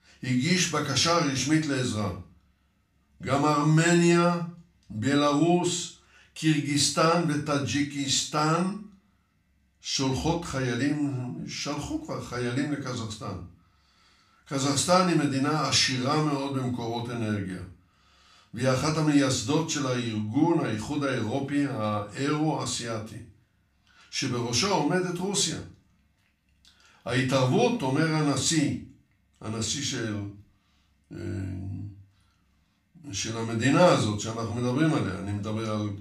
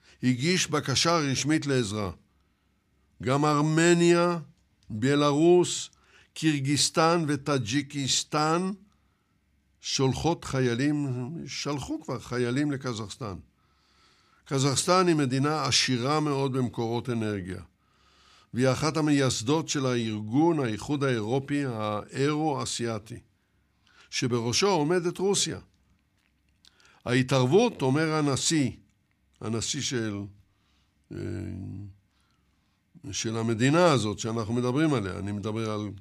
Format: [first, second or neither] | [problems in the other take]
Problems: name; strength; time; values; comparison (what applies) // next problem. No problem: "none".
second | room echo; slight; dies away in 0.3 s // off-mic speech; far